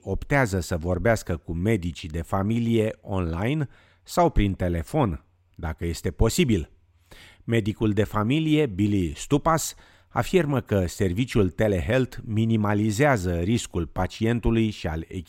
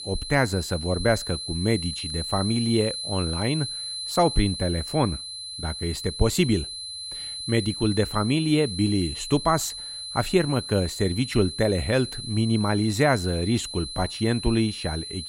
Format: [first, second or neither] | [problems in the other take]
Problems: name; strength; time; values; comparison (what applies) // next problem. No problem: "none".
first | high-pitched whine; loud; throughout; 4 kHz, 7 dB below the speech